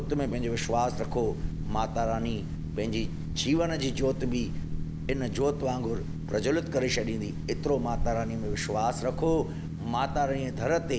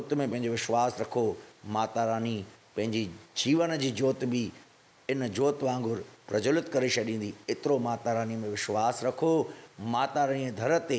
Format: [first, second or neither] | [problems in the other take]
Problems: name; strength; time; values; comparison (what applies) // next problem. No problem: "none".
second | background sound (Boat, Water vehicle); 3 dB below the speech